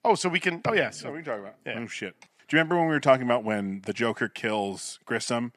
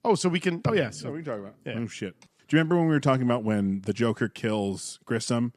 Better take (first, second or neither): second